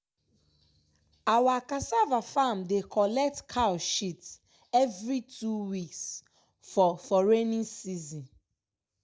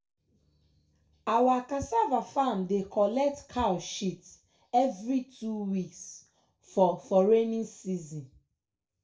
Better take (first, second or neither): first